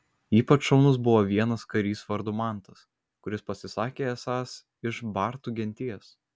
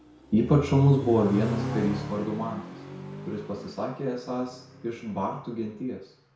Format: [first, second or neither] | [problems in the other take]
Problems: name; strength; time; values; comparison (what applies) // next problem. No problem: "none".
first | background sound (Accelerating, revving, vroom); 9 dB below the speech // room echo; dies away in 0.6 s